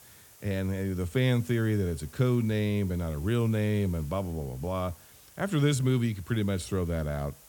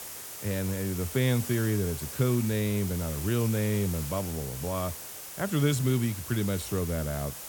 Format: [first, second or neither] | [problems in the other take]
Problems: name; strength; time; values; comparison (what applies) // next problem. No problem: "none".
first | hiss; loud; throughout; 8 dB below the speech; faint in the first